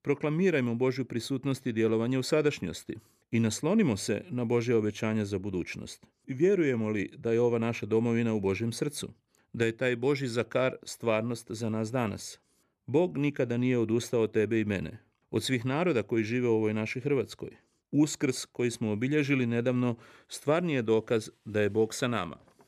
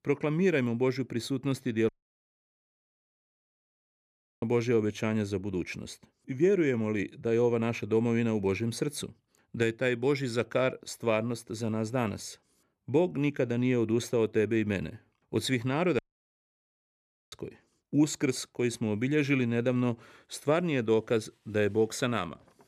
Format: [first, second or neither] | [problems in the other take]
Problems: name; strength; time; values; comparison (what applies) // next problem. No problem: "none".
first | audio cutting out; at 2 s for 2.5 s and at 16 s for 1.5 s